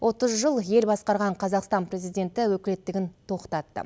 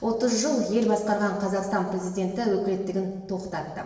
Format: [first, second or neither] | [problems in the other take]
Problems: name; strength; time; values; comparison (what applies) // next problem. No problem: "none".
first | room echo; dies away in 1 s